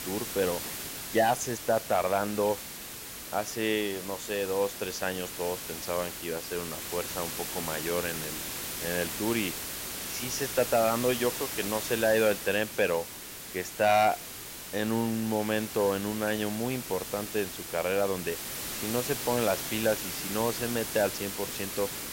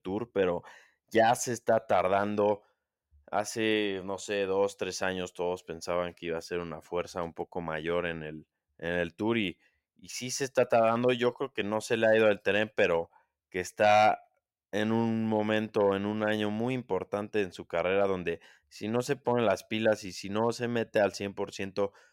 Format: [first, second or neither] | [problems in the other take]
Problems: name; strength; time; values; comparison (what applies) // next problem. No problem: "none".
second | hiss; loud; throughout; 5 dB below the speech